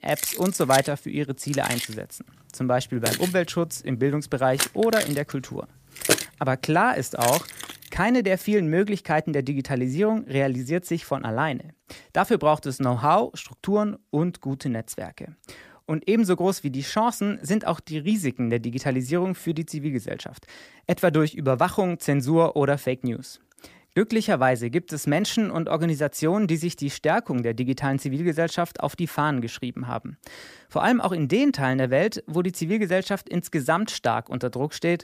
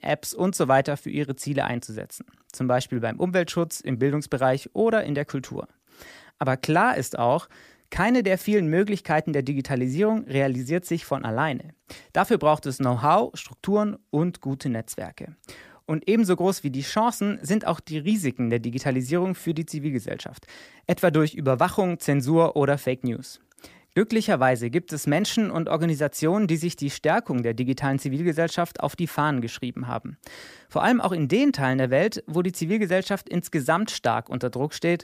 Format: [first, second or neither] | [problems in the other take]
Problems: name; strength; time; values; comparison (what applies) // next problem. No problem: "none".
second | jangling keys; loud; until 7.5 s; peak 2 dB above the speech